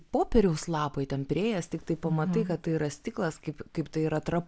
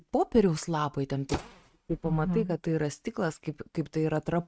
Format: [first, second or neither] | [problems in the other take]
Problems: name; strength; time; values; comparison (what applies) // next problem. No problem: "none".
first | noise reduction (neural mask model RNNoise)